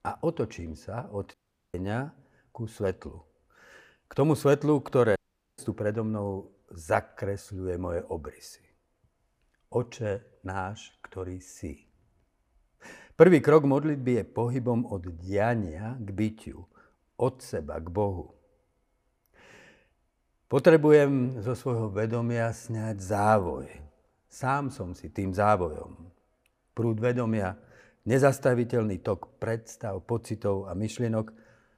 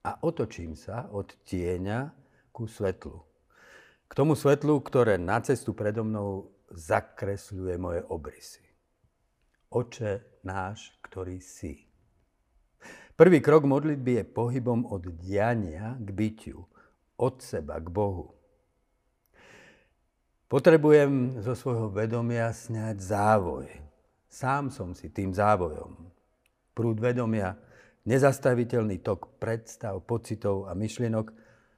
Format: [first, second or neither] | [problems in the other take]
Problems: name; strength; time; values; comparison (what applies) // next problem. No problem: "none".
second | audio cutting out; at 1.5 s and at 5 s